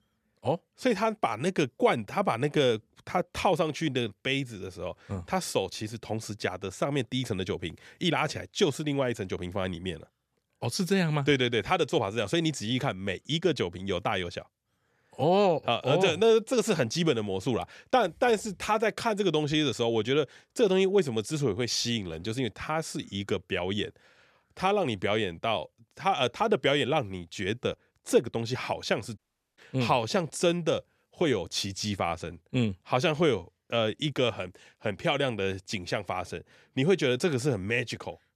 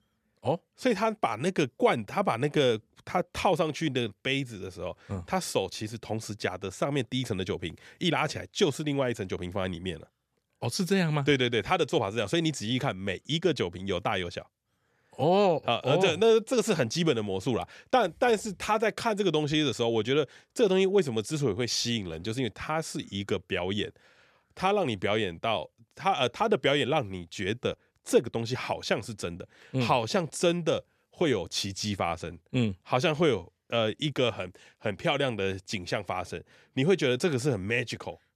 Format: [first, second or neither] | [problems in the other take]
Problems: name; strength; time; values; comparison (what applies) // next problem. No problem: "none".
second | audio cutting out; at 29 s